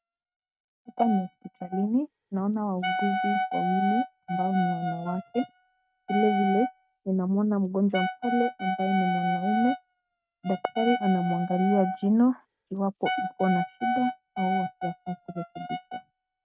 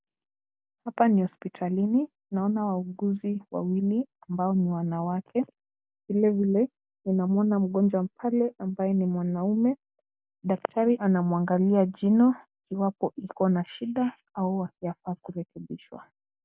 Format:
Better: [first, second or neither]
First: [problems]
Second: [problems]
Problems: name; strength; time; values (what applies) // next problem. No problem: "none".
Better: second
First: noise reduction (neural mask model RNNoise)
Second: none